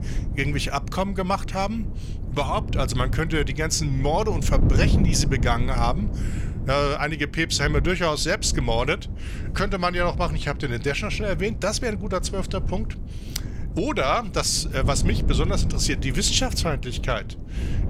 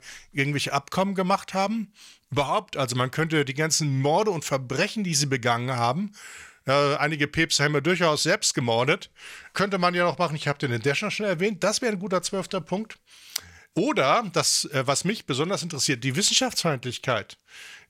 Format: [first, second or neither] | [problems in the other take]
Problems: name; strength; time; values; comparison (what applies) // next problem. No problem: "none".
second | wind noise on the microphone; occasional gusts; 15 dB below the speech